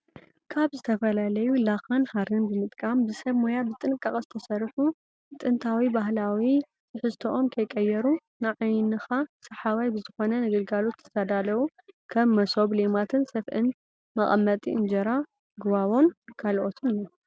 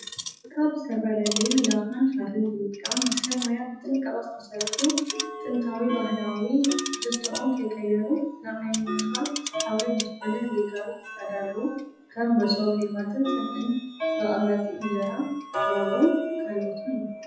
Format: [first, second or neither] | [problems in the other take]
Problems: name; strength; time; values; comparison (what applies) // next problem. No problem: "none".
first | noise reduction (classical method WPE with log-MMSE)